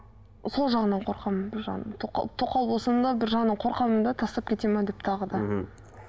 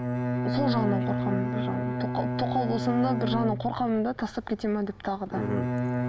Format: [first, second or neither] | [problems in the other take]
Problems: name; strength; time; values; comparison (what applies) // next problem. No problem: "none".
first | background sound (Bowed string instrument); as loud as the speech